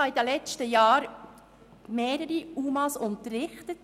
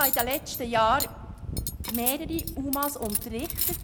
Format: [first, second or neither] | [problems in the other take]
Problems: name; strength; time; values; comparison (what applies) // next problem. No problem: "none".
first | background sound (Cutlery, silverware); 2 dB below the speech